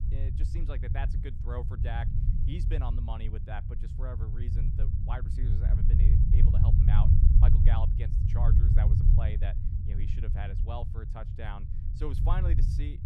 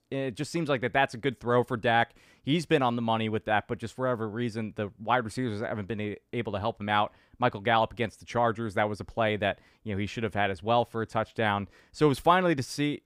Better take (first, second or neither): second